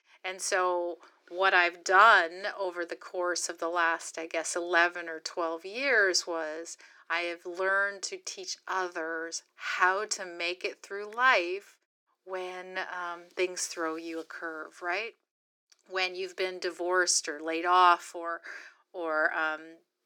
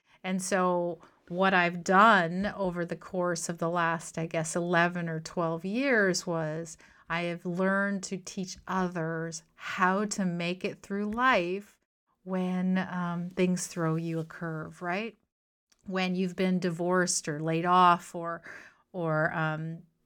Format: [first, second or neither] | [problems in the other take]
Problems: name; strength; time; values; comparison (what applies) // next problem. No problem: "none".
second | thin; very; fading below 350 Hz